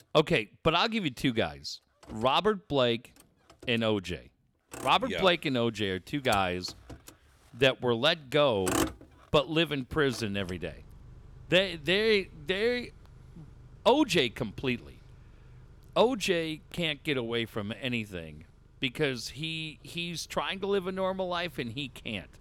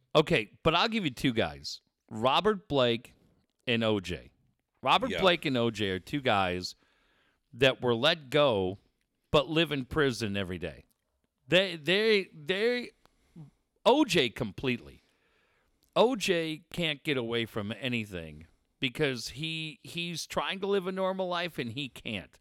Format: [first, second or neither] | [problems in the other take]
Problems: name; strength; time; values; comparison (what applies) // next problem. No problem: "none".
second | traffic noise; noticeable; throughout; 15 dB below the speech